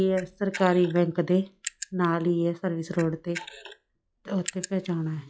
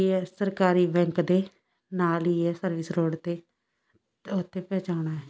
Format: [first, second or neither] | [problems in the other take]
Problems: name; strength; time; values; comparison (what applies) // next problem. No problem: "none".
second | noise reduction (classical method log-MMSE)